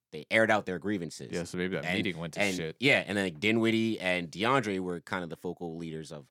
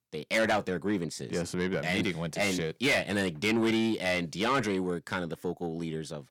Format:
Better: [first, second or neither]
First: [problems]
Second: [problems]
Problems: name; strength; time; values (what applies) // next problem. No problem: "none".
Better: first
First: none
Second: distortion; heavy; 8 dB below the speech